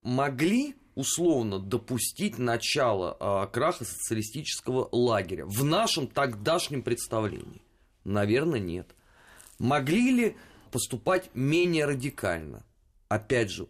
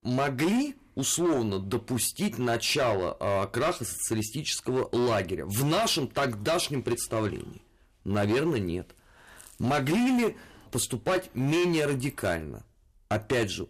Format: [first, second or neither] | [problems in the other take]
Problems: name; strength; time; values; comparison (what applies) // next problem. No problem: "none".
first | distortion; slight; 12% of the sound clipped